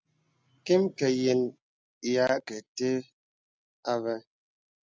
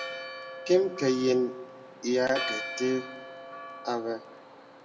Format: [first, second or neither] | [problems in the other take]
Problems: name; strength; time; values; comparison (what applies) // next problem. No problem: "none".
first | background sound (Church bell); 10 dB below the speech // room echo; dies away in 0.9 s